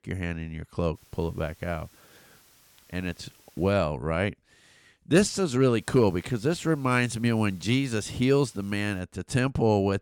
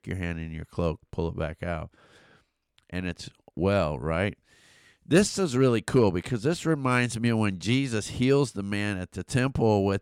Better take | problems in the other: second | hiss; faint; from 1 to 3.5 s and from 6 to 9 s; 30 dB below the speech

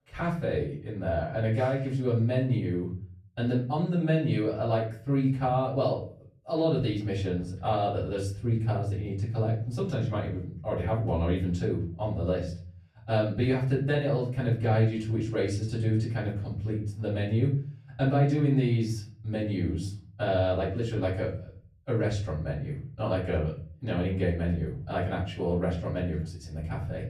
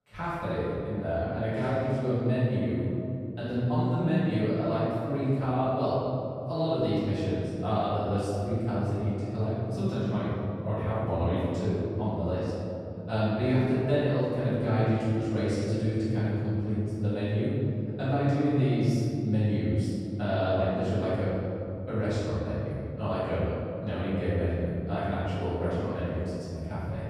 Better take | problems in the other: first | room echo; strong; dies away in 2.8 s; slight in the first // off-mic speech; far; far in the first

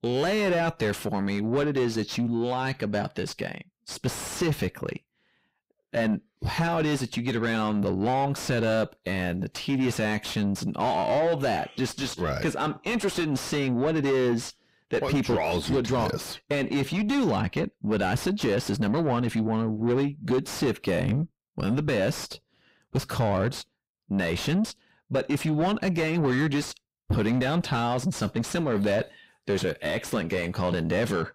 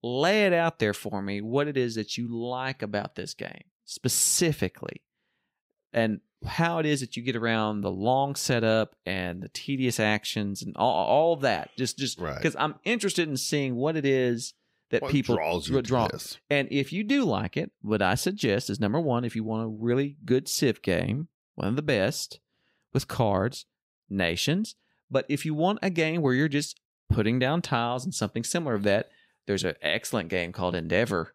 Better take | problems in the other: second | distortion; heavy; 5 dB below the speech

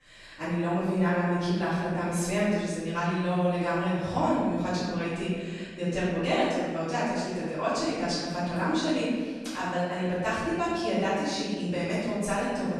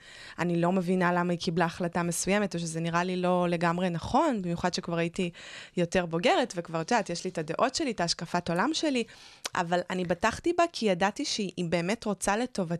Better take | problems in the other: second | room echo; strong; dies away in 1.6 s // off-mic speech; far

